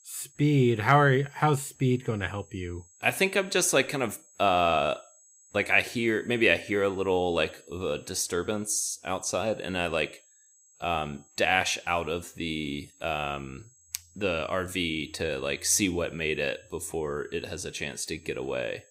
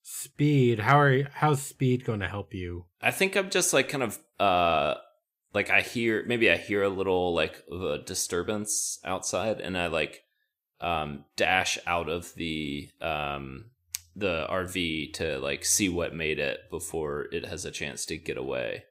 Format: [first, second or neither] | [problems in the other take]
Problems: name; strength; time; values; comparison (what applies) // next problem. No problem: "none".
second | high-pitched whine; faint; throughout; 7.5 kHz, 30 dB below the speech